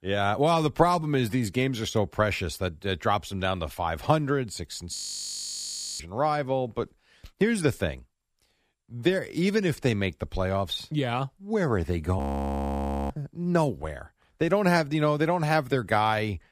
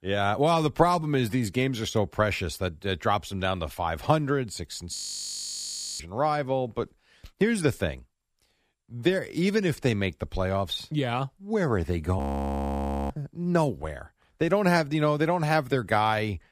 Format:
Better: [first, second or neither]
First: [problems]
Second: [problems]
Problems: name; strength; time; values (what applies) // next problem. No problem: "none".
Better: neither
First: audio freezing; at 5 s for 1 s and at 12 s for 1 s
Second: audio freezing; at 5 s for 1 s and at 12 s for 1 s